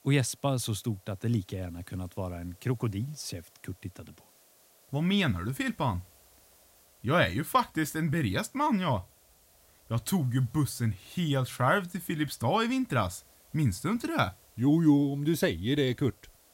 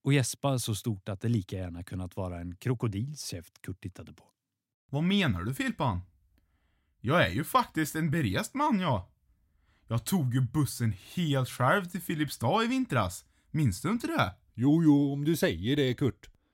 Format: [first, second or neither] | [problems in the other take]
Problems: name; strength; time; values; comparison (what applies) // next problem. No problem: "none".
second | hiss; faint; throughout; 30 dB below the speech